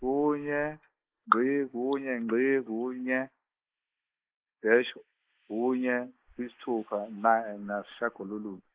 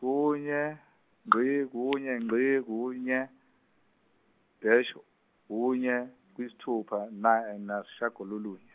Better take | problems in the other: second | noise reduction (neural mask model Resemble Enhance denoiser)

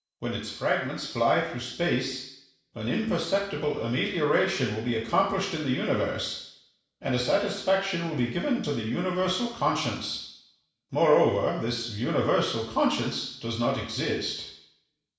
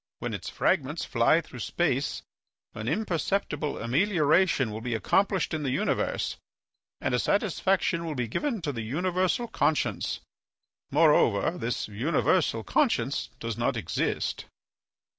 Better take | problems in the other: second | room echo; dies away in 0.7 s

